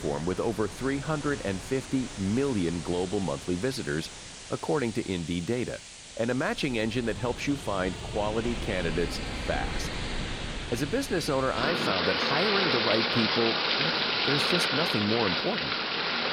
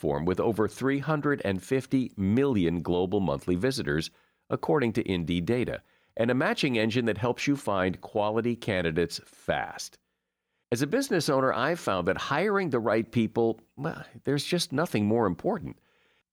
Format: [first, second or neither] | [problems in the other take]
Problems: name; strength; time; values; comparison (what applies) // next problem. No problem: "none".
second | rain or running water; very loud; throughout; 1 dB above the speech